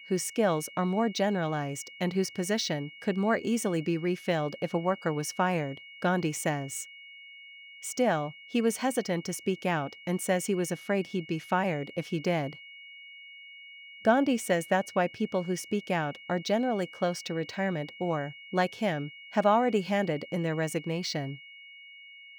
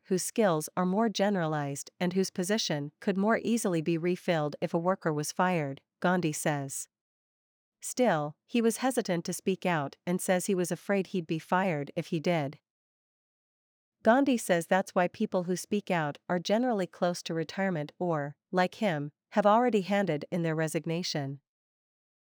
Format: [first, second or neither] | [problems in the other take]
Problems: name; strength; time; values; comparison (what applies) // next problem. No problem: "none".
second | high-pitched whine; noticeable; throughout; 2 kHz, 15 dB below the speech